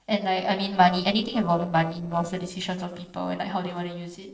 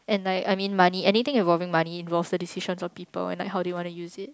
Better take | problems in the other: second | noise reduction (neural separator model SepFormer DNS4)

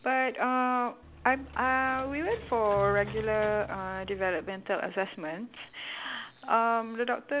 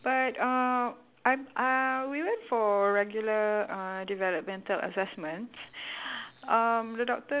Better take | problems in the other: second | background sound (Piano + Engine / Mechanisms); 16 dB below the speech

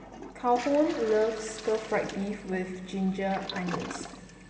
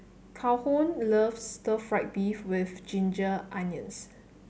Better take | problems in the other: second | background sound (Toilet flush); 13 dB below the speech // room echo; dies away in 3 s

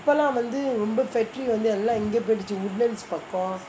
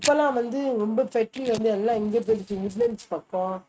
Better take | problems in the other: first | noise reduction (neural mask model RNNoise)

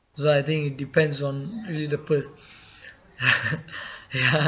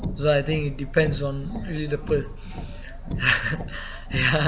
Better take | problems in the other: first | background sound (Car); 7 dB below the speech

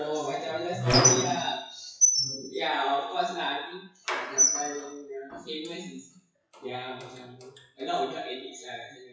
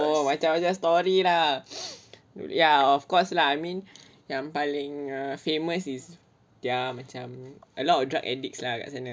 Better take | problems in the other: second | noise reduction (classical method WPE with log-MMSE)

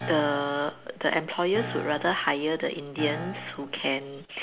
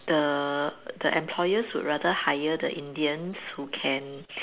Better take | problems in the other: second | background sound (Piano); 12 dB below the speech

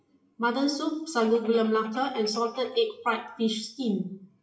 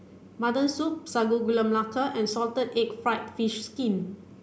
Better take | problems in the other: second | noise reduction (classical method WPE with log-MMSE)

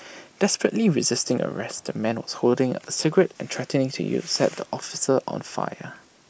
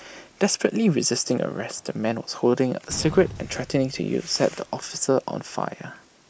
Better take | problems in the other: first | background sound (Slam); 20 dB below the speech

